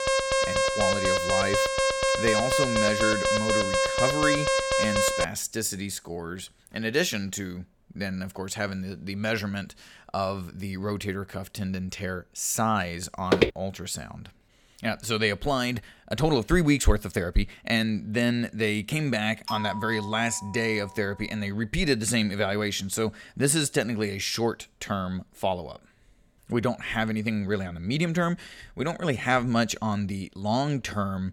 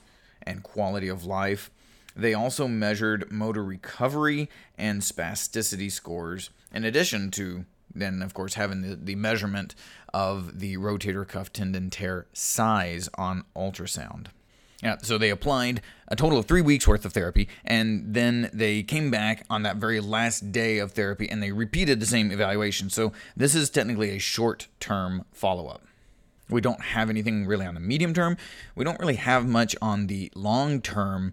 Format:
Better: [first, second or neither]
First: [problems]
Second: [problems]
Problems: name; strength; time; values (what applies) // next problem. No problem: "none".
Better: second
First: alarm; loud; until 5.5 s; peak 4 dB above the speech // footsteps; loud; at 13 s; peak 4 dB above the speech // doorbell; noticeable; from 19 to 21 s; peak 6 dB below the speech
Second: none